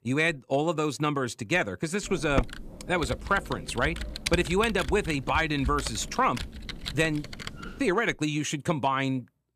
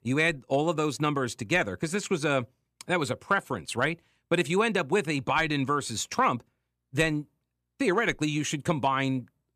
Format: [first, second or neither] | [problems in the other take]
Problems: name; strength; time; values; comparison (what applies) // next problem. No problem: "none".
second | keyboard typing; noticeable; from 2 to 7.5 s; peak 4 dB below the speech